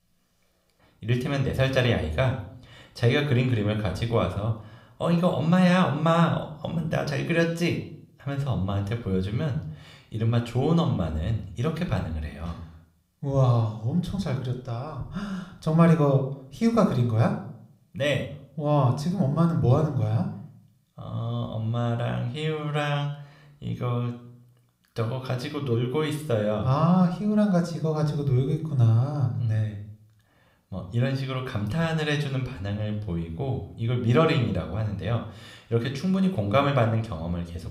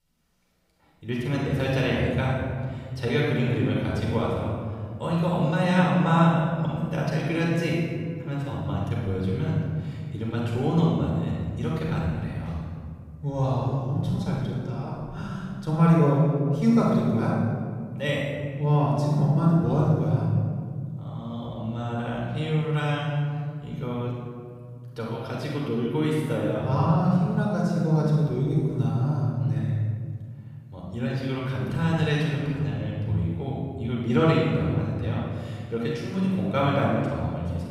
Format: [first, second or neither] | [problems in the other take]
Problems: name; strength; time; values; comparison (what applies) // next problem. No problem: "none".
first | room echo; strong; dies away in 1.9 s; slight in the first // off-mic speech; far